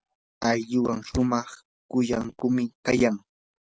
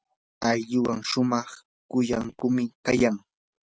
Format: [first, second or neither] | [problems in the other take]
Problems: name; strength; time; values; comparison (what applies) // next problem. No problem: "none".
second | noise reduction (neural separator model SepFormer DNS4)